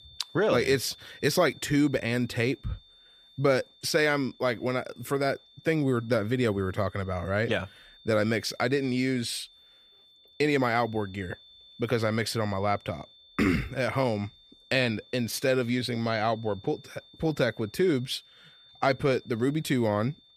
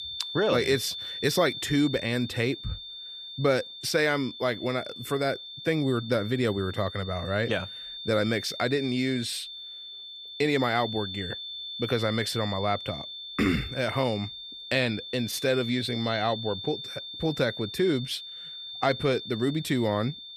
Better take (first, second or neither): first